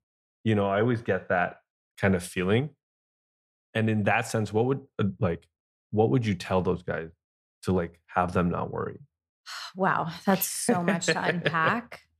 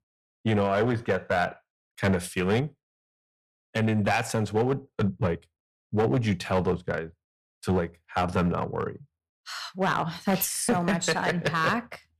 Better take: first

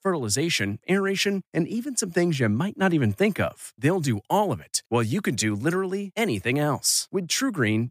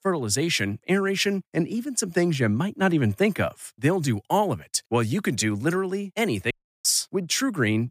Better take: first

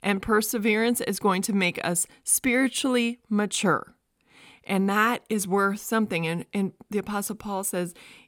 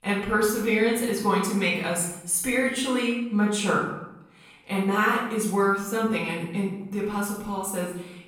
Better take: first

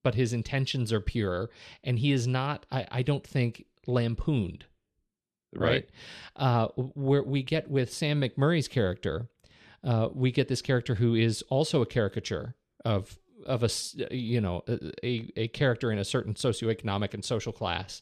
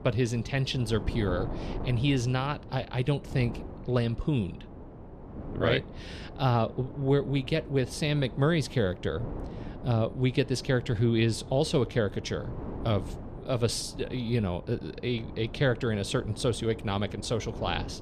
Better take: first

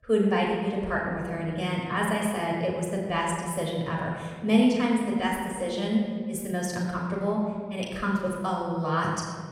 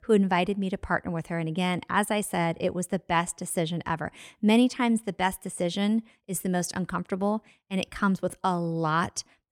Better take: second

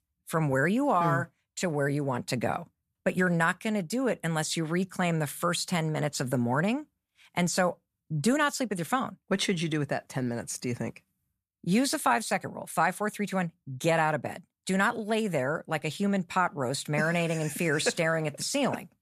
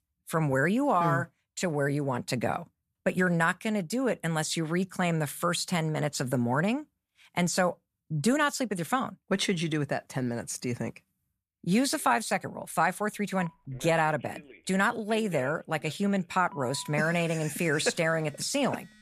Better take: first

